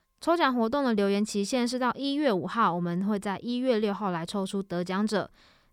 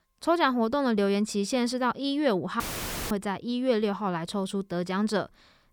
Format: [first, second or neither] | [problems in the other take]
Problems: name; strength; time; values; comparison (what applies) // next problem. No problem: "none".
first | audio cutting out; filled with static; at 2.5 s for 0.5 s